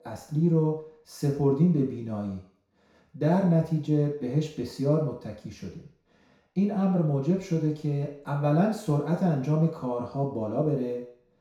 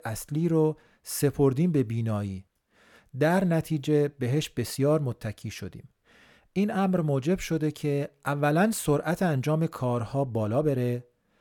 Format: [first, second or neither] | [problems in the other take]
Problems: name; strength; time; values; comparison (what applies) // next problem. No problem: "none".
second | room echo; noticeable; dies away in 0.6 s // off-mic speech; far